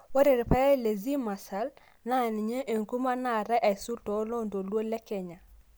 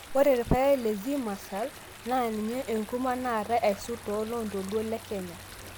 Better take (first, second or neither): first